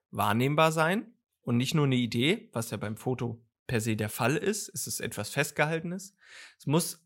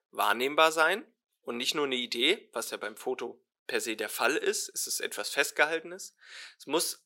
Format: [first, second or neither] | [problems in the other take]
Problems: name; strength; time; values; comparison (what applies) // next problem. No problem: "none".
first | thin; very; fading below 350 Hz